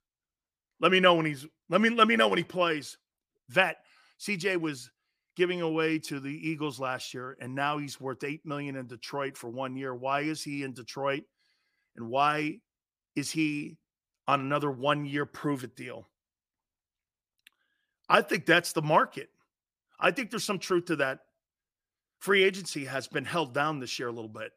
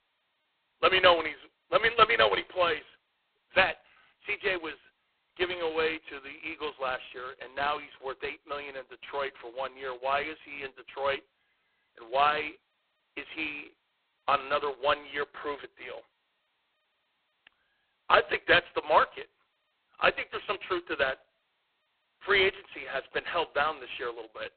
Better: first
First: none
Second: phone-call audio; poor line

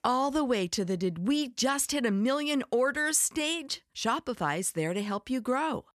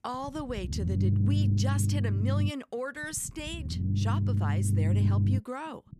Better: first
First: none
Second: low rumble; loud; throughout; 3 dB below the speech

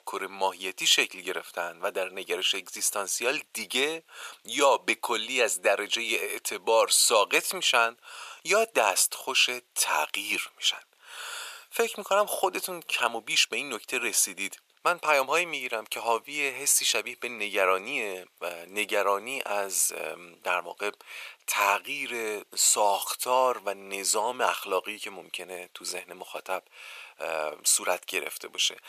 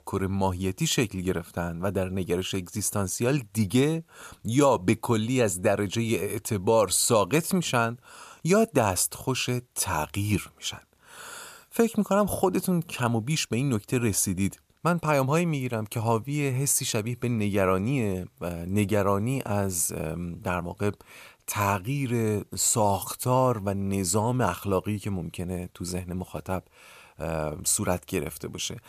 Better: second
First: thin; very; fading below 500 Hz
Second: none

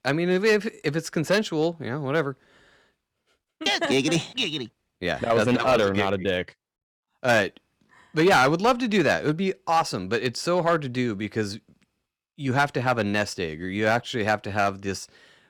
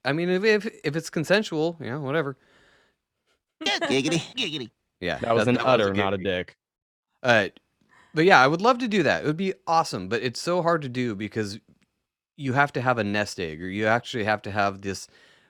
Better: second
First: distortion; slight; 2% of the sound clipped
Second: none

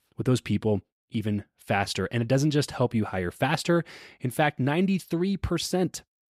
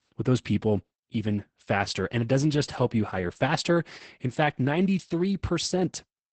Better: first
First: none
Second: garbled, watery; badly; nothing above 8 kHz

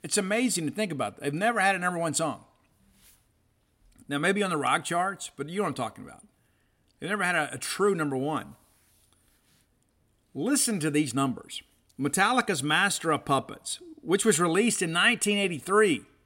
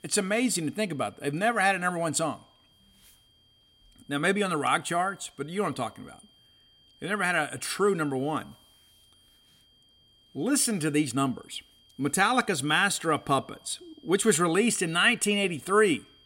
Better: first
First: none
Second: high-pitched whine; faint; throughout; 3 kHz, 30 dB below the speech

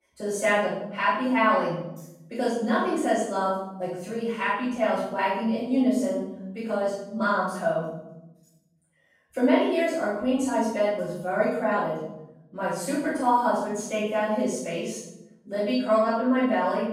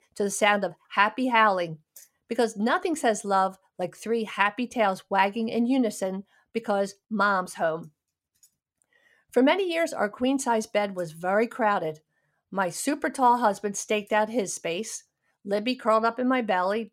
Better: second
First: off-mic speech; far // room echo; strong; dies away in 1 s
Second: none

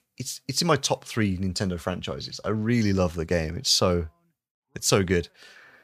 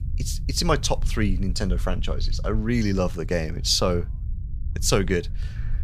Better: first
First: none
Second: low rumble; faint; throughout; 20 dB below the speech

